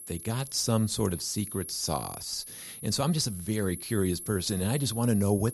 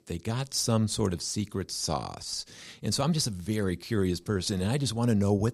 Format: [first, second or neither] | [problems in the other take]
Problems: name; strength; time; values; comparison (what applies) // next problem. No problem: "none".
second | high-pitched whine; loud; throughout; 11 kHz, 10 dB below the speech